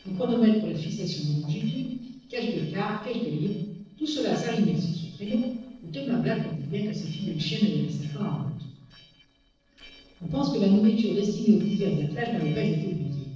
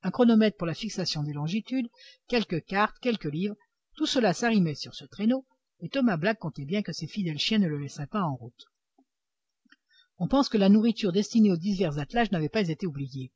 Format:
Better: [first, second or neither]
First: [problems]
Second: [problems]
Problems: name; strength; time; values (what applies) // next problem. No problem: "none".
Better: second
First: noise reduction (neural separator model SepFormer DNS4)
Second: none